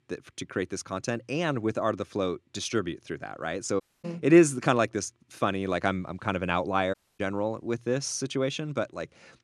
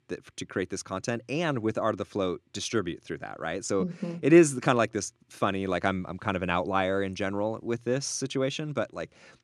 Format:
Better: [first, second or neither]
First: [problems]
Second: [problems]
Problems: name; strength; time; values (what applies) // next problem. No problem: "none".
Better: second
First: audio cutting out; at 4 s and at 7 s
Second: none